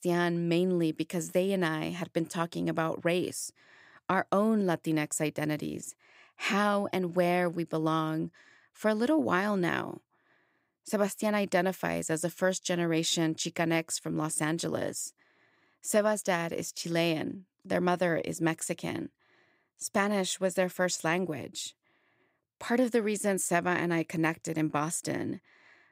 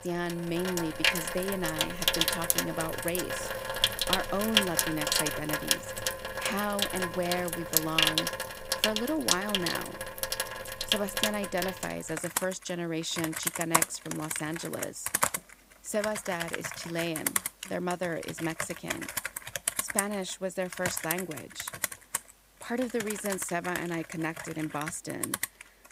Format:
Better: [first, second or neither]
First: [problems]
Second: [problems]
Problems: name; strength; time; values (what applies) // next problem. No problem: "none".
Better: first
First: none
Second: household noises; very loud; throughout; 3 dB above the speech